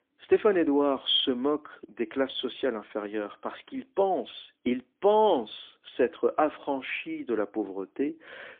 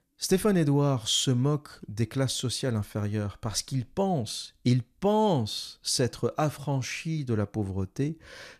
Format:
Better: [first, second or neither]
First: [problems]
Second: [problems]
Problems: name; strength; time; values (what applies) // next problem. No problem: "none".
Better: second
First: phone-call audio; poor line; nothing above 3.5 kHz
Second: none